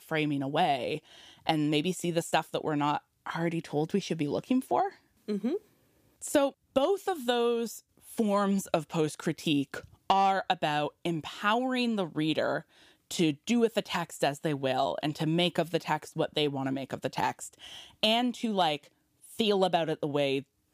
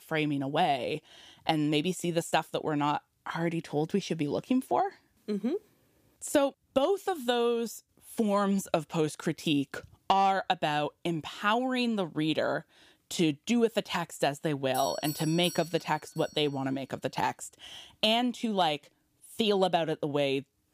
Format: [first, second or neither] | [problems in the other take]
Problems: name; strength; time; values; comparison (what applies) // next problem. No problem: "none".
first | doorbell; noticeable; from 15 to 16 s; peak 8 dB below the speech